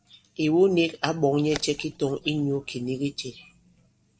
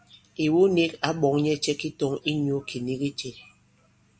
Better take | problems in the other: second | noise reduction (neural separator model SepFormer DNS4)

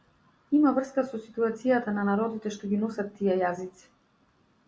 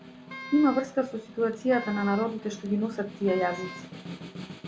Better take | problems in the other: first | background sound (Snare drum + Wind instrument, woodwind instrument); 13 dB below the speech

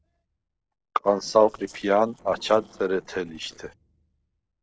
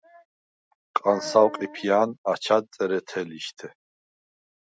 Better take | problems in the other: second | noise reduction (neural separator model SepFormer DNS4)

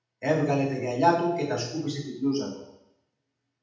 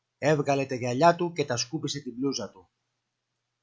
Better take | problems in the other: second | room echo; dies away in 0.8 s

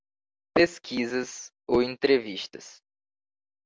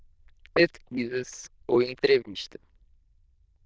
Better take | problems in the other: first | noise reduction (neural diffusion model UNIVERSE++)

